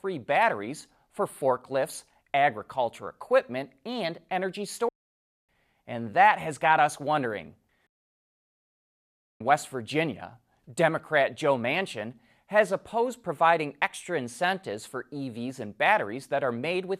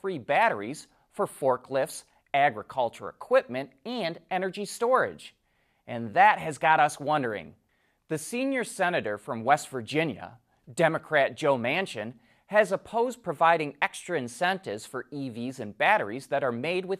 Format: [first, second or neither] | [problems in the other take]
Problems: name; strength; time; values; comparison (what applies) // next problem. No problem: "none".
second | audio cutting out; at 5 s for 0.5 s and at 8 s for 1.5 s